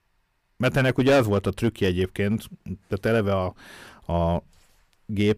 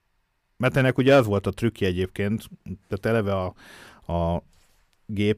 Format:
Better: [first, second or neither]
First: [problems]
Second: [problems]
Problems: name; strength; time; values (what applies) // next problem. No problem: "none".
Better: second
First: distortion; slight; 3% of the sound clipped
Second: none